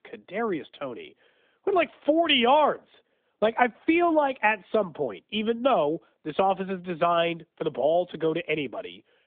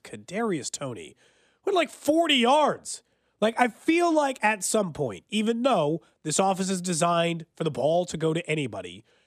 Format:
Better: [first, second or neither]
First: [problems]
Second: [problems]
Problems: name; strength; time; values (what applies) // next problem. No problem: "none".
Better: second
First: phone-call audio; nothing above 3.5 kHz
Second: none